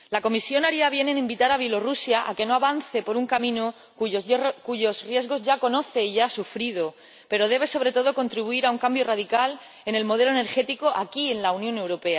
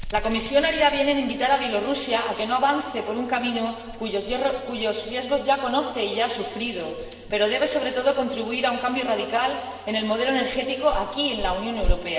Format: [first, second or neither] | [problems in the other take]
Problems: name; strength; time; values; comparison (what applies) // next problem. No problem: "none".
first | background sound (Rattle); 11 dB below the speech // room echo; dies away in 2.3 s